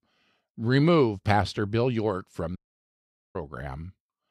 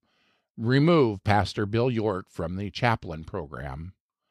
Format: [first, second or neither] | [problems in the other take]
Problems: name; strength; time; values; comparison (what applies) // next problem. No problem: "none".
second | audio cutting out; at 2.5 s for 1 s